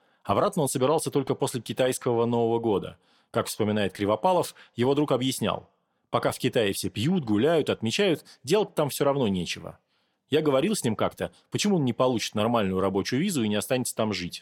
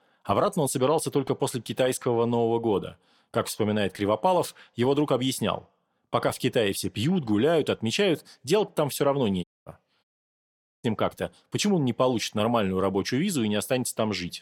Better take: first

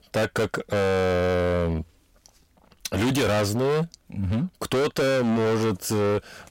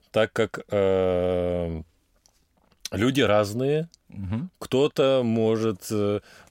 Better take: second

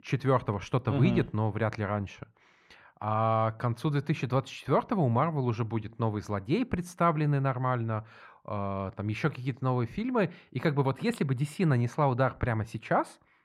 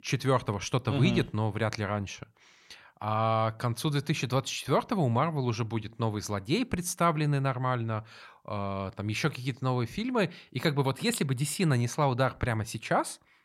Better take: second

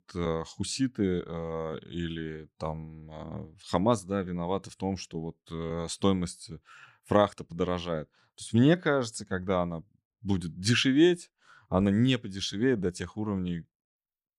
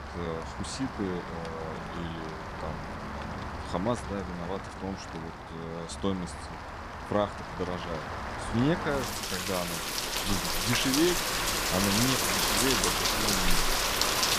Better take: first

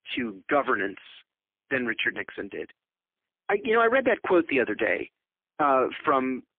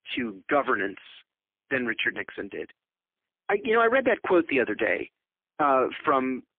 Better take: neither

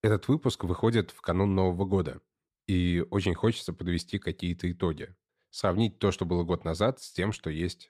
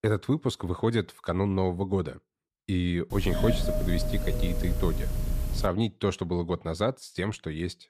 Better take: first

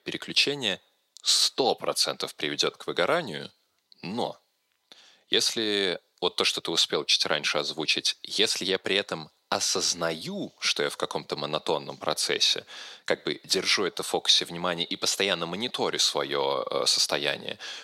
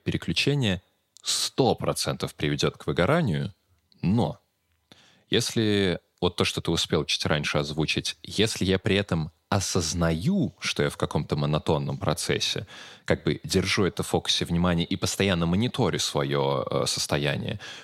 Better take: second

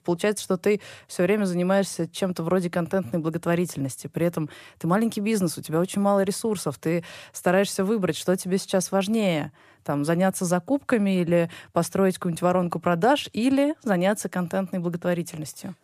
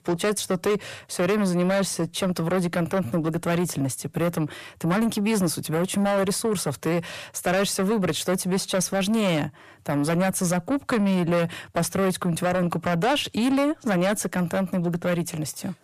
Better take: first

